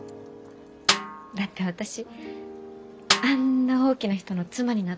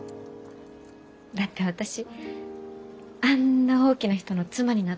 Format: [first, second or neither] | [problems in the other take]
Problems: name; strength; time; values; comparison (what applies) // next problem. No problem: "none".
second | background sound (Snare drum); 3 dB below the speech